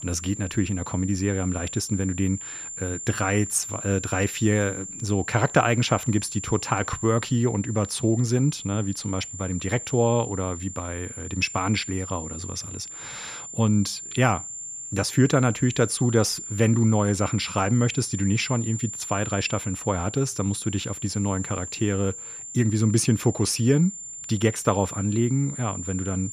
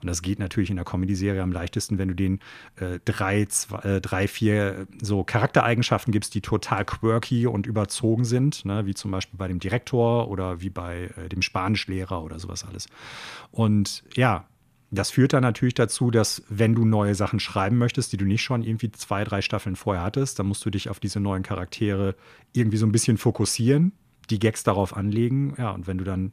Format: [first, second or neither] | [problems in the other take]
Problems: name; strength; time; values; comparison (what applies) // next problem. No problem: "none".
second | high-pitched whine; loud; throughout; 7 kHz, 9 dB below the speech